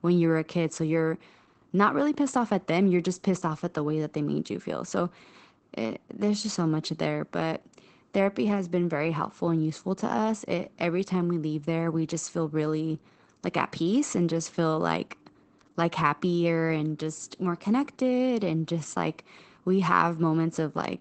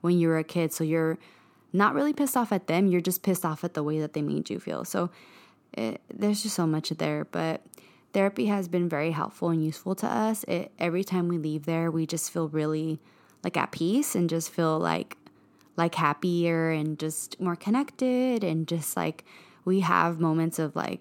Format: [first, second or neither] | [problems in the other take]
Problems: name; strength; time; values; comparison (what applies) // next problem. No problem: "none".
second | garbled, watery; badly; nothing above 8 kHz